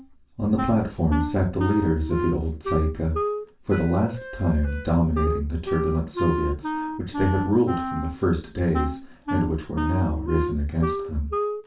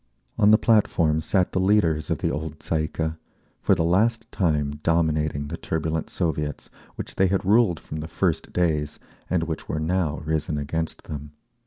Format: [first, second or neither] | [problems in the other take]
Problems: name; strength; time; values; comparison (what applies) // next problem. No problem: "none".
second | background sound (Wind instrument, woodwind instrument); 6 dB below the speech // room echo; dies away in 0.2 s